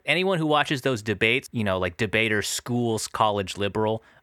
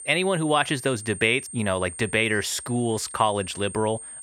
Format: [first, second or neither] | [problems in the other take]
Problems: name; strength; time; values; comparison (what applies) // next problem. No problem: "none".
first | high-pitched whine; noticeable; throughout; 8.5 kHz, 10 dB below the speech